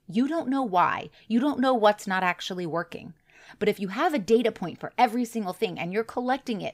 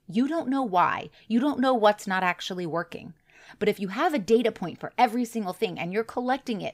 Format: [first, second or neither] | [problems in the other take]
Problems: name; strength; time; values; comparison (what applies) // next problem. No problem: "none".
neither | none